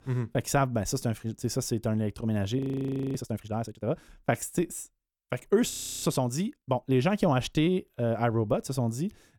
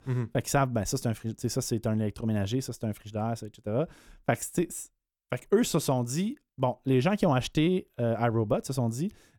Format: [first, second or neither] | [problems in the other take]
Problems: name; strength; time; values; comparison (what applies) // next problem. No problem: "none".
second | audio freezing; at 2.5 s for 0.5 s and at 5.5 s